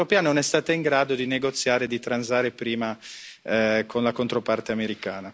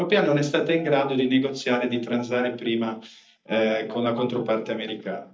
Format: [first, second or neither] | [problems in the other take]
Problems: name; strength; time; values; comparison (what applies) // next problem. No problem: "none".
first | noise reduction (neural mask model DeepFilterNet 3)